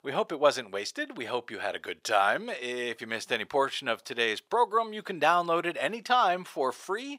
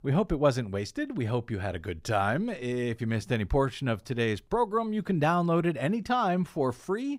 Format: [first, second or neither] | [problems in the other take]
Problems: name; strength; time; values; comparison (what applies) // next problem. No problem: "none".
second | thin; very; fading below 550 Hz